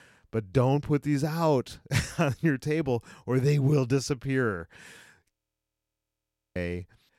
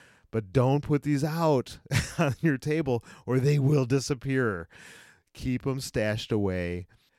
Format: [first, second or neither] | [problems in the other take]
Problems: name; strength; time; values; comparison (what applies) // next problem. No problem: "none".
second | audio freezing; at 5.5 s for 1 s